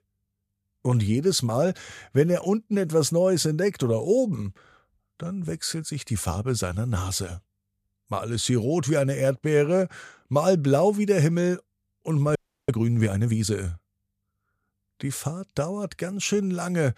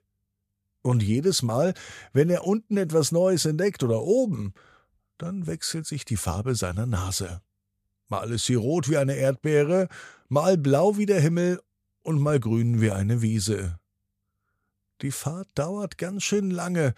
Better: second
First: audio freezing; at 12 s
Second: none

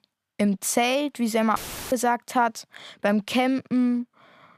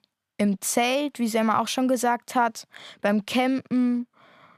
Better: second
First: audio cutting out; filled with static; at 1.5 s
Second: none

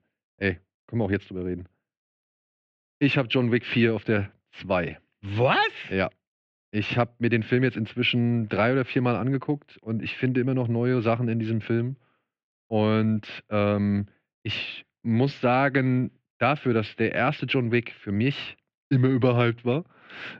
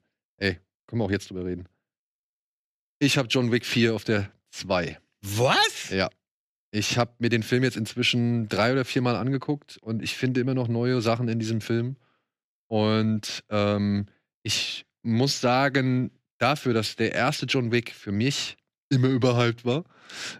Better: second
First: muffled; very; fading above 3 kHz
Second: none

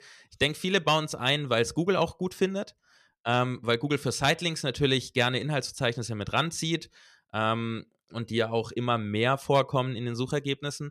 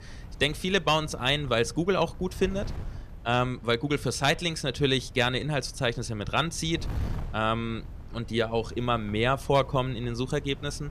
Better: first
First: none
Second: wind noise on the microphone; occasional gusts; 25 dB below the speech

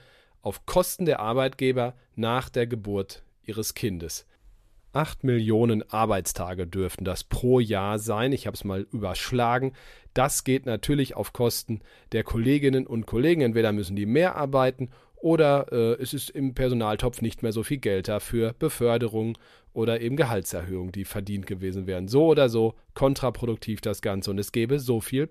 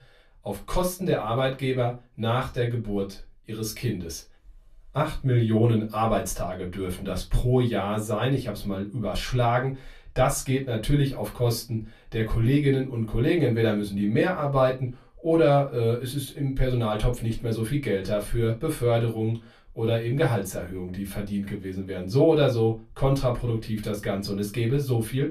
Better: first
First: none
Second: off-mic speech; far // room echo; very slight; dies away in 0.2 s

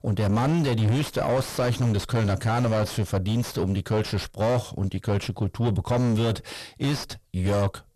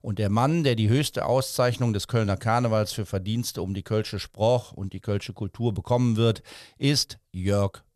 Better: second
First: distortion; heavy; 5 dB below the speech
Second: none

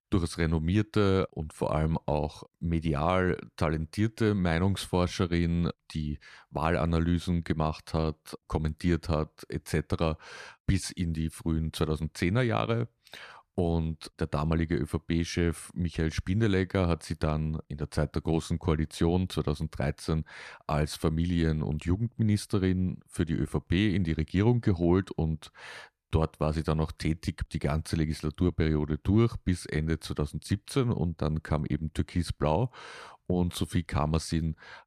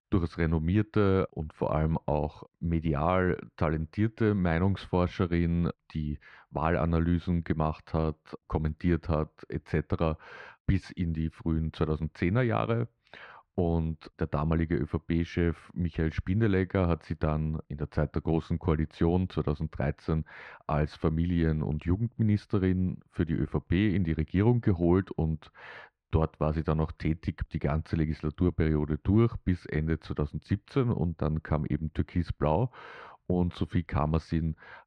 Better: first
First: none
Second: muffled; slightly; fading above 2.5 kHz

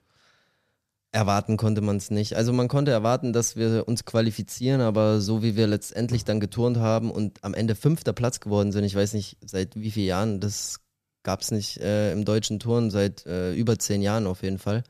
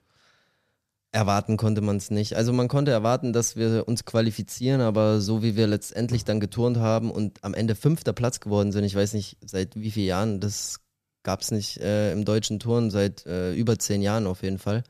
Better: neither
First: none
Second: none

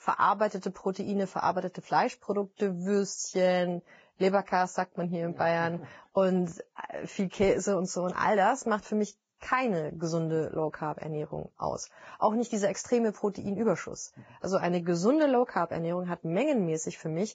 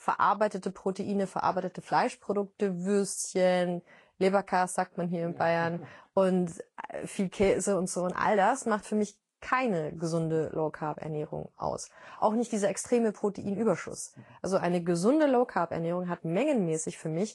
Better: second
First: garbled, watery; badly; nothing above 7.5 kHz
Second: garbled, watery; slightly; nothing above 10.5 kHz

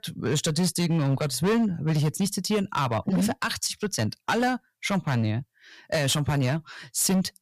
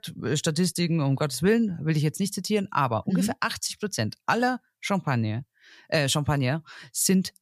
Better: second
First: distortion; slight; 11% of the sound clipped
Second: none

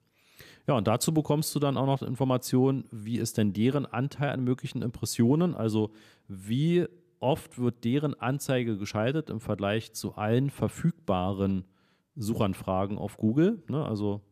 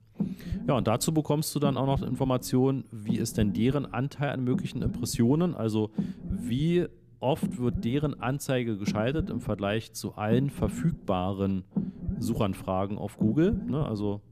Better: first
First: none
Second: low rumble; noticeable; throughout; 10 dB below the speech

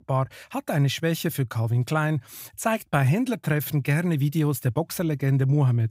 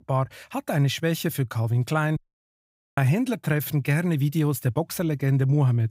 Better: first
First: none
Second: audio cutting out; at 2 s for 1 s

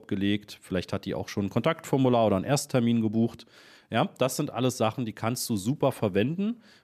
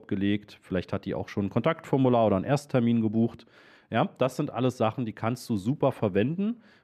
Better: first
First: none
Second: muffled; slightly; fading above 4 kHz

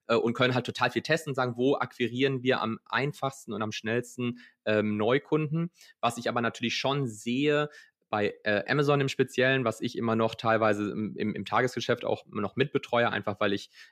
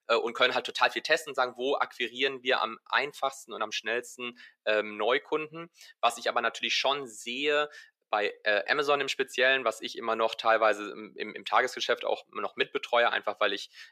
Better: first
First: none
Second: thin; very; fading below 600 Hz

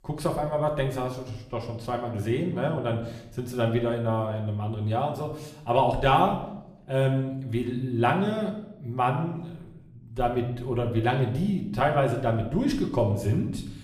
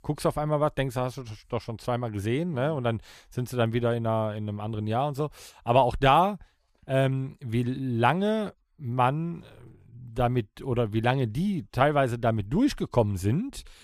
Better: second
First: room echo; slight; dies away in 0.7 s // off-mic speech; somewhat distant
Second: none

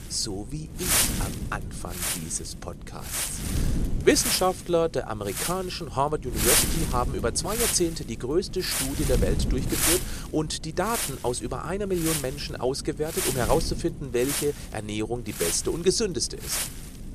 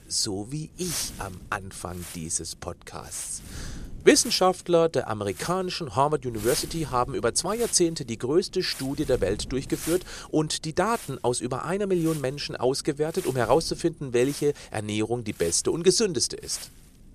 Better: second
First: wind noise on the microphone; heavy; 1 dB below the speech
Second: wind noise on the microphone; occasional gusts; 15 dB below the speech

